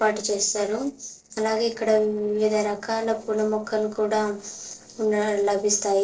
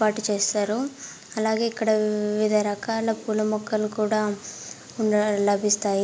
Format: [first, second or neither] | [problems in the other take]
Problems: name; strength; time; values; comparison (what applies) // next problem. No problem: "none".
second | noise reduction (neural separator model SepFormer DNS4)